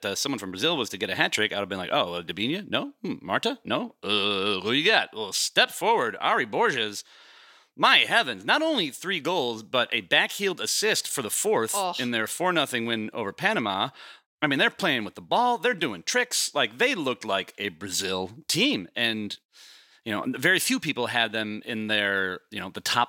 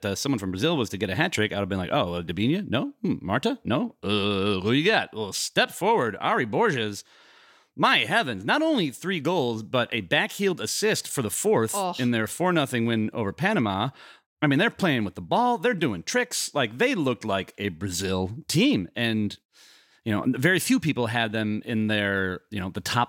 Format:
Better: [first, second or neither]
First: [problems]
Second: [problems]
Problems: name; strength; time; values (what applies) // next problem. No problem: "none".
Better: second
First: thin; very slightly; fading below 1 kHz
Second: none